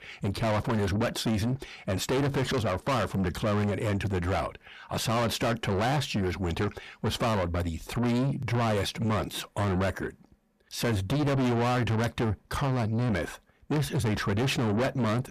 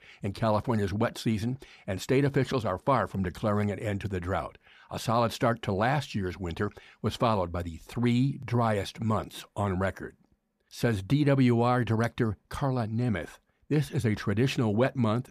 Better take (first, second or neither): second